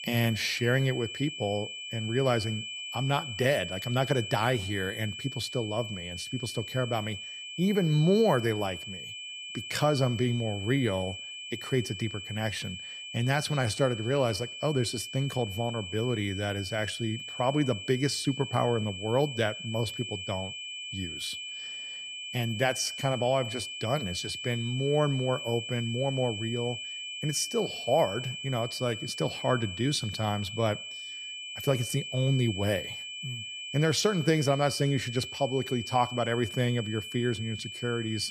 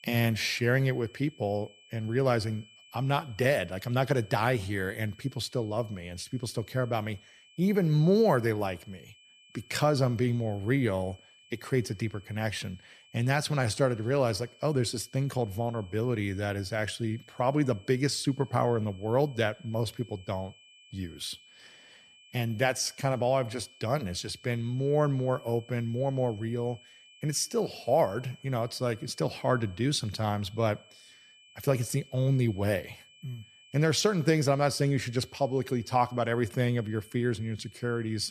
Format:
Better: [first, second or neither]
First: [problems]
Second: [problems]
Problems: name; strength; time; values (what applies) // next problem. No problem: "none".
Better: second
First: high-pitched whine; loud; throughout; 3 kHz, 7 dB below the speech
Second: high-pitched whine; faint; throughout; 3 kHz, 25 dB below the speech